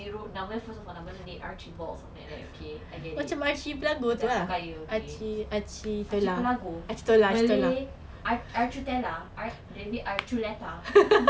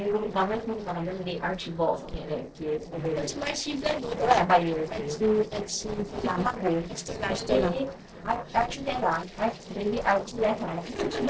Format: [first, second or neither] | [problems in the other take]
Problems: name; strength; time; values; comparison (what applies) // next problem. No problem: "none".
first | noise reduction (neural separator model SepFormer DNS4)